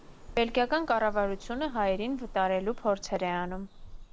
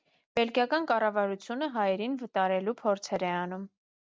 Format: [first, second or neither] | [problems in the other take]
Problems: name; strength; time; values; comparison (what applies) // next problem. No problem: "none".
second | background sound (Bird vocalization, bird call, bird song); 12 dB below the speech